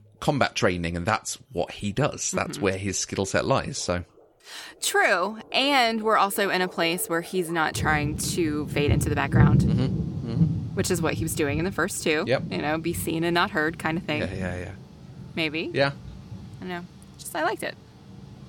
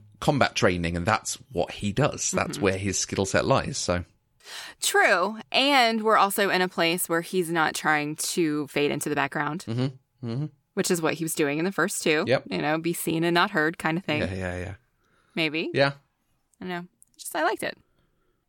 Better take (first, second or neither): second